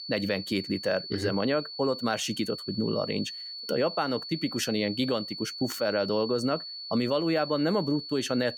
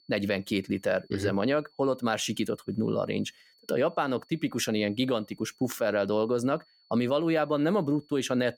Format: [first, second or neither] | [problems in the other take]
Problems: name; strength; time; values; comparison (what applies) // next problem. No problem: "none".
second | high-pitched whine; loud; throughout; 4.5 kHz, 8 dB below the speech; faint in the second